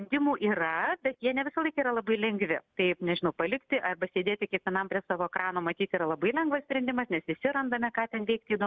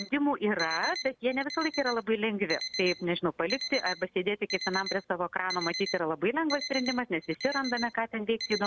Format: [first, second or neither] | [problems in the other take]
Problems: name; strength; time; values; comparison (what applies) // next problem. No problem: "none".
first | background sound (Alarm); 9 dB below the speech